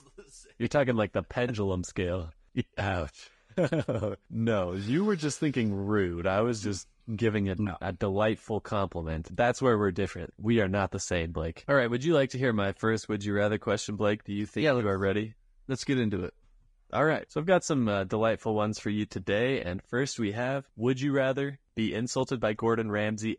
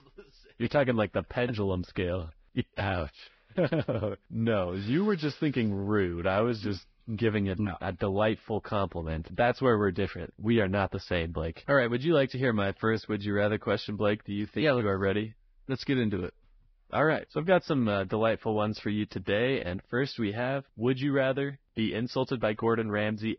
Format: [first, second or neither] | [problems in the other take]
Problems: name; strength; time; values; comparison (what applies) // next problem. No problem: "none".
first | garbled, watery; badly; nothing above 5.5 kHz; slightly in the first